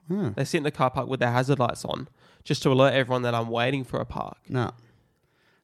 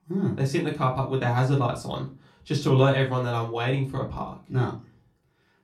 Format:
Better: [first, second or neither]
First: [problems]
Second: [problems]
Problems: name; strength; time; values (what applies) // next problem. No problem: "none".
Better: first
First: none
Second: off-mic speech; far // room echo; very slight; dies away in 0.3 s